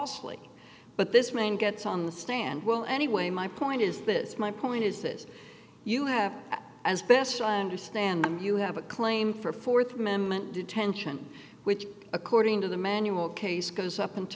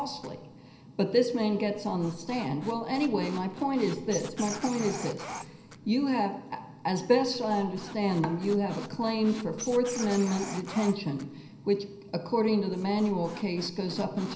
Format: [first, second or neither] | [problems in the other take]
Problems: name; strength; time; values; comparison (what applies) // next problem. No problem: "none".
first | background sound (Squeak); 15 dB below the speech // room echo; dies away in 0.5 s